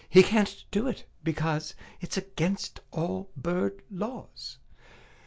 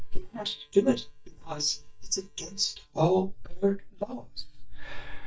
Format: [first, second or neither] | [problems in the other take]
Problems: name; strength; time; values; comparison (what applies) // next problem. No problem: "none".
first | noise reduction (neural mask model DeepFilterNet 3)